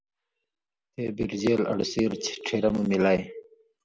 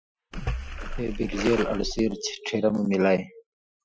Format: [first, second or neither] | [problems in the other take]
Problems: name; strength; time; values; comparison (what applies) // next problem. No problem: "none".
first | noise reduction (classical method Wiener filter)